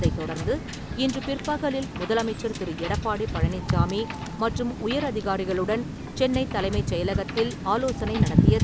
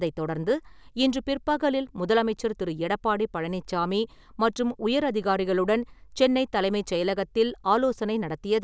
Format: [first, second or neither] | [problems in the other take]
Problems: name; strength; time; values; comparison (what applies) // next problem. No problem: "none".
second | background sound (Wind / Boat, Water vehicle); as loud as the speech